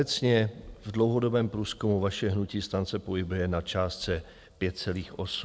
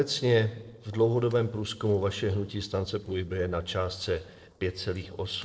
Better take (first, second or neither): first